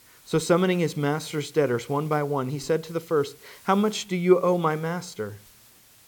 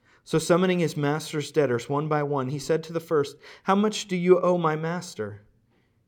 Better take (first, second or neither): second